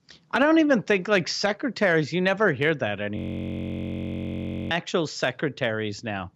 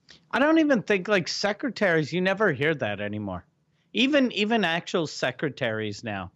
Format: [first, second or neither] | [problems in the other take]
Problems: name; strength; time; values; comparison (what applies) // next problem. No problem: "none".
second | audio freezing; at 3 s for 1.5 s